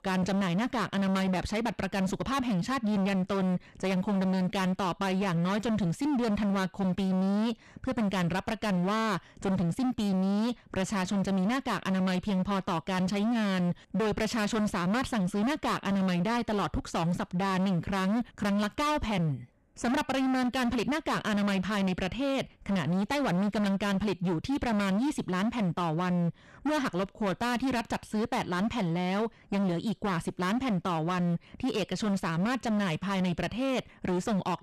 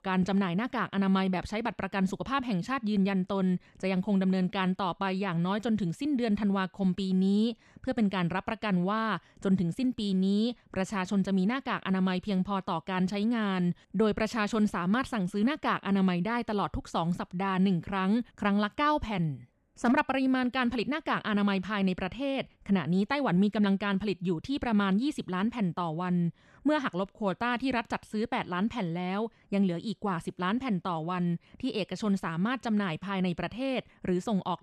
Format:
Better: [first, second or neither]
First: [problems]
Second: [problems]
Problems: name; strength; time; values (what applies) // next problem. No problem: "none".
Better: second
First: distortion; heavy; 33% of the sound clipped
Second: none